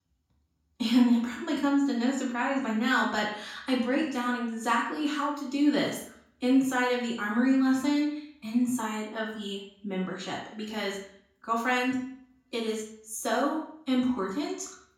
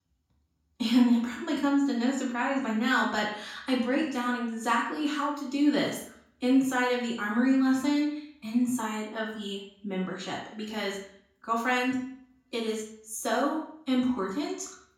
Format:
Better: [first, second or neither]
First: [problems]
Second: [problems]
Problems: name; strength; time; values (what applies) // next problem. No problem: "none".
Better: neither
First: room echo; noticeable; dies away in 0.5 s // off-mic speech; far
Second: room echo; noticeable; dies away in 0.5 s // off-mic speech; far